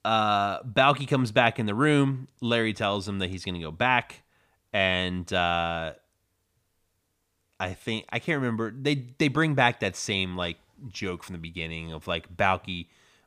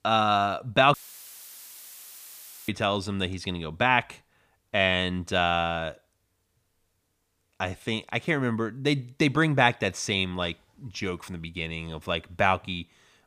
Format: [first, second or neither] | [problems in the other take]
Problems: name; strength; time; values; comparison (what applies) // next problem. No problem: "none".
first | audio cutting out; filled with static; at 1 s for 1.5 s